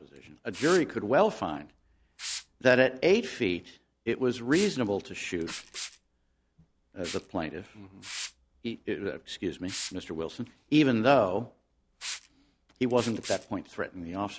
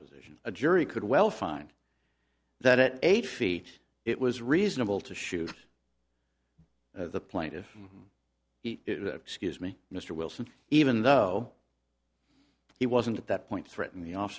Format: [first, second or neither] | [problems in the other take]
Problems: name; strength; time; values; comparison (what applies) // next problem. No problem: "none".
second | background sound (Liquid); 16 dB below the speech